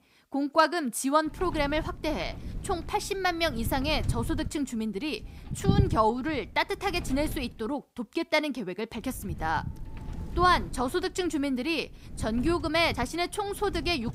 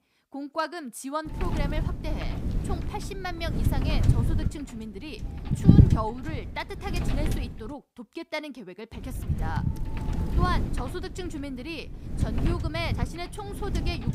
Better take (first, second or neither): first